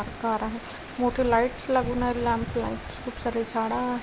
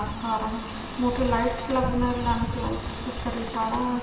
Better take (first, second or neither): first